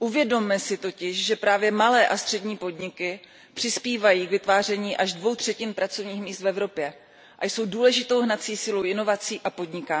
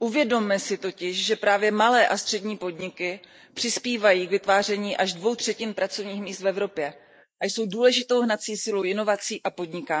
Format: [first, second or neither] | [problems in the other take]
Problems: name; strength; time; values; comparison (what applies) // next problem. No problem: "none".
first | noise reduction (neural mask model Resemble Enhance denoiser)